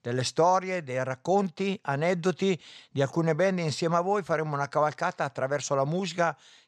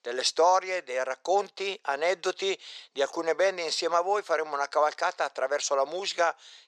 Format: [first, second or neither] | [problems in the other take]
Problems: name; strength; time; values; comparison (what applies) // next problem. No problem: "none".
first | thin; very; fading below 400 Hz